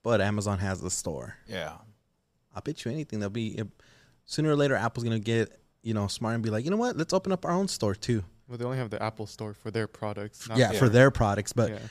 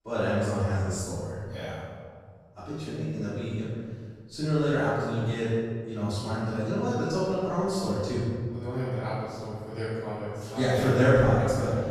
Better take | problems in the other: first | off-mic speech; far // room echo; strong; dies away in 1.8 s

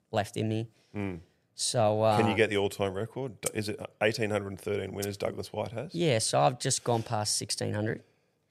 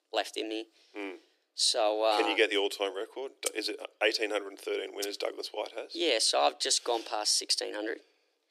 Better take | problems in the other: first | thin; very; fading below 300 Hz

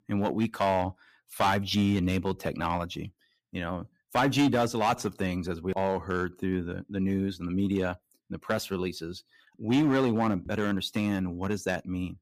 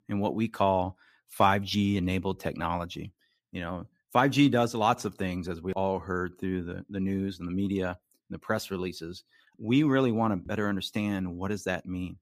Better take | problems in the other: second | distortion; slight; 4% of the sound clipped

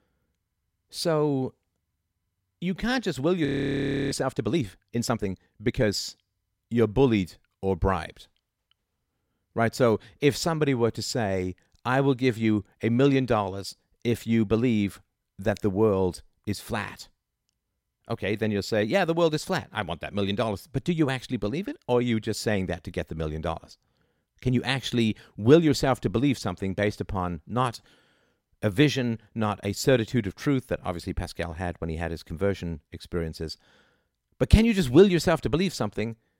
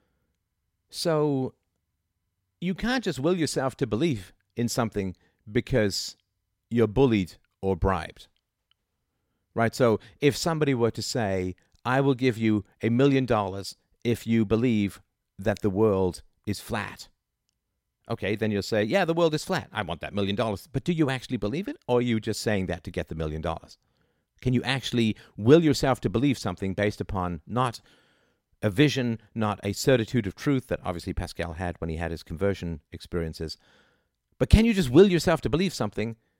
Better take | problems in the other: second | audio freezing; at 3.5 s for 0.5 s

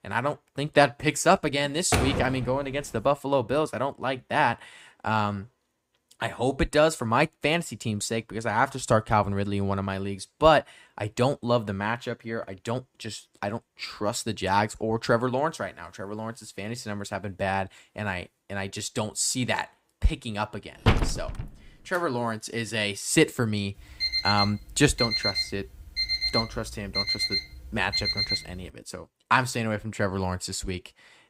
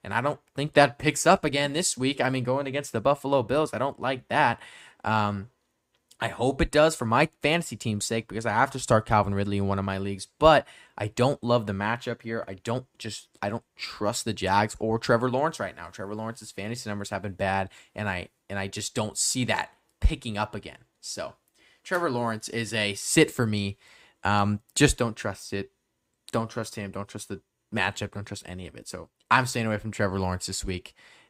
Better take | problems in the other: second | door banging; loud; at 2 s and at 21 s; peak 2 dB above the speech // alarm; loud; from 24 to 29 s; peak 3 dB above the speech

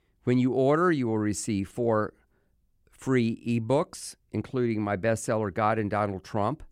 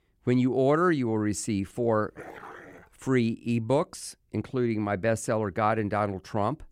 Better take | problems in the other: first | dog barking; faint; at 2 s; peak 15 dB below the speech

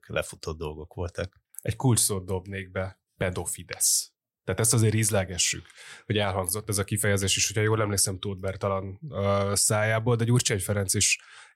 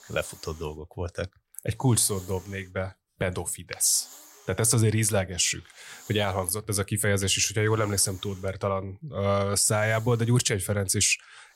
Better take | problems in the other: first | hiss; faint; throughout; 25 dB below the speech

